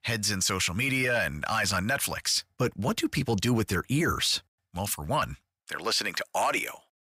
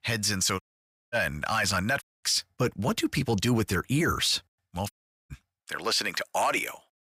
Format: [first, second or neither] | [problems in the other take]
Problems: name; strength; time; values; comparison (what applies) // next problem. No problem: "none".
first | audio cutting out; at 0.5 s for 0.5 s, at 2 s and at 5 s